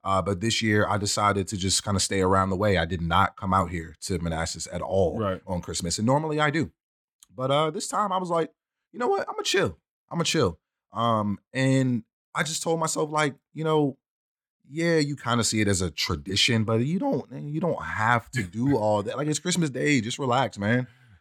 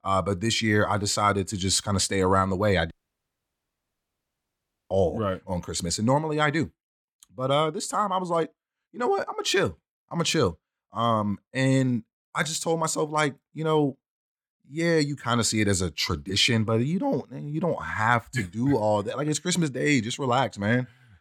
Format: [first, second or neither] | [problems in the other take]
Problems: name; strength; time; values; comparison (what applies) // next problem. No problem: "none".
first | audio cutting out; at 3 s for 2 s